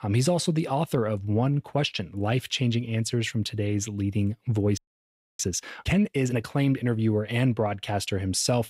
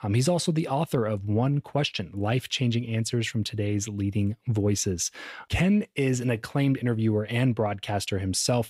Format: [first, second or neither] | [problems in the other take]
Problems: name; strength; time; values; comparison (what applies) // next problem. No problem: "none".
second | audio freezing; at 5 s for 0.5 s